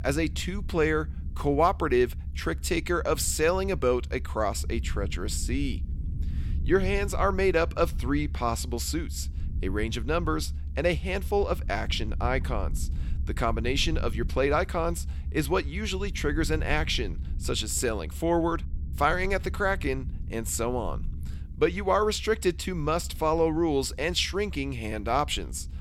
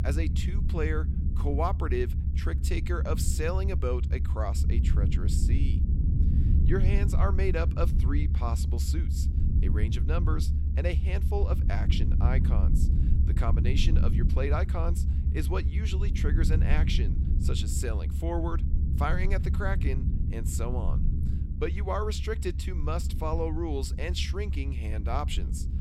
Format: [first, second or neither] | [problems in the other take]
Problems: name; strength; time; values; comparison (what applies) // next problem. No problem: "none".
first | low rumble; loud; throughout; 7 dB below the speech; faint in the first